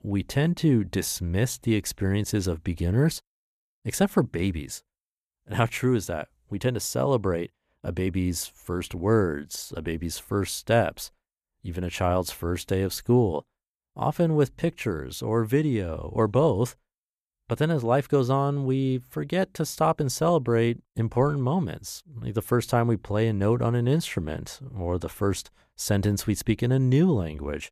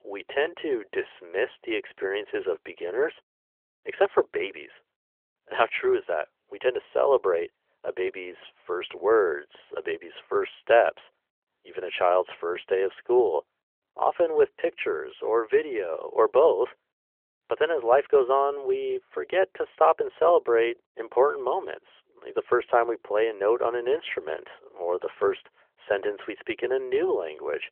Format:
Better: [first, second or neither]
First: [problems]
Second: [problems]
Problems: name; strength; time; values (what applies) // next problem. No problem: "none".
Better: first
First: none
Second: phone-call audio; nothing above 3.5 kHz